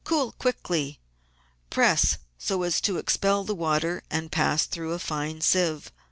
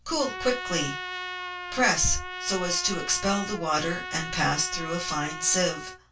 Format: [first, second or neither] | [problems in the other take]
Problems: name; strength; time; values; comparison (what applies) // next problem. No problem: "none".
first | background sound (Trumpet); 9 dB below the speech // room echo; dies away in 0.2 s